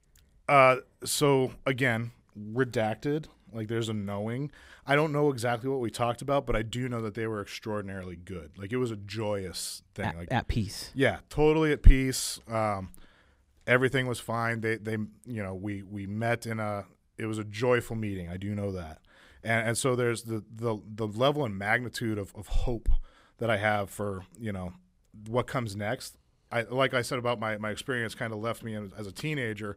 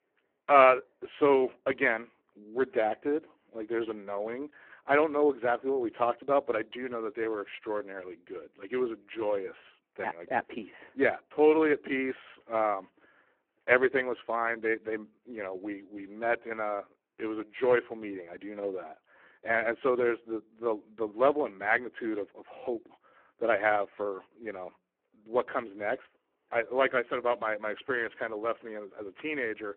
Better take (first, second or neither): first